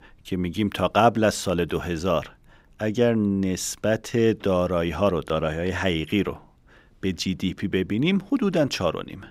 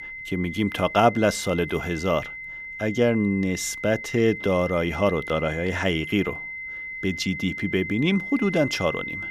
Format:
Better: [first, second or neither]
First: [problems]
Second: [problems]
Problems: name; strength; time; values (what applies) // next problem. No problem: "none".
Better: first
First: none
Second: high-pitched whine; loud; throughout; 2 kHz, 9 dB below the speech